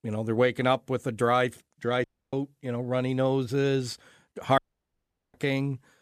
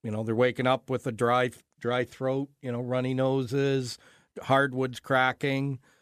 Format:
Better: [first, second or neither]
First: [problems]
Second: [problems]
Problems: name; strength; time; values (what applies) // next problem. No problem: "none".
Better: second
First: audio cutting out; at 2 s and at 4.5 s for 1 s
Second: none